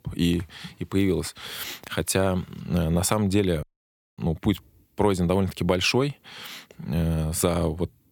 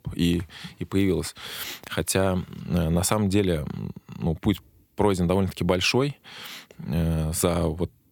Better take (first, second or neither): second